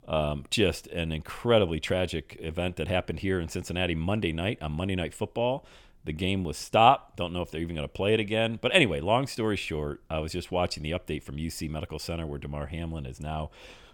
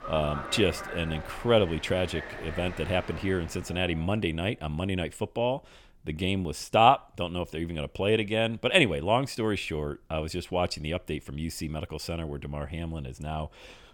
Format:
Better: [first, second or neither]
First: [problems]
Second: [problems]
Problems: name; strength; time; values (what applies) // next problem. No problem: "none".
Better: first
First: none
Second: train or aircraft noise; noticeable; until 3.5 s; 10 dB below the speech